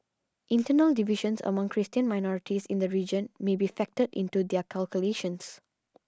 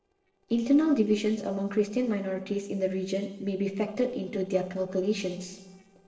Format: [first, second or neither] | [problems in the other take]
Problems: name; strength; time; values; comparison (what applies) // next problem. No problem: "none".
first | noise reduction (neural separator model SepFormer DNS4)